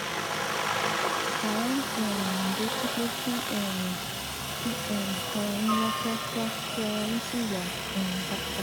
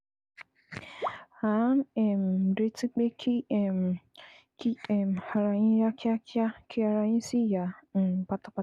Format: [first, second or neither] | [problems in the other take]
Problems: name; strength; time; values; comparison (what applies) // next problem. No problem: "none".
second | background sound (Aircraft); 1 dB above the speech